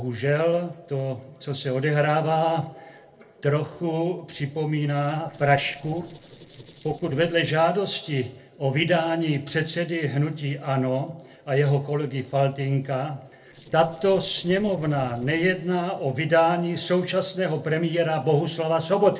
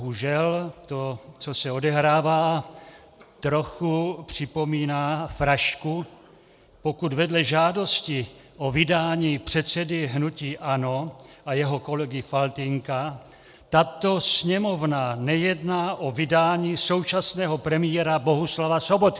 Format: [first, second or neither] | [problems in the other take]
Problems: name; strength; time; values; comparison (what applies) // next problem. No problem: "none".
second | noise reduction (neural separator model SepFormer DNS4)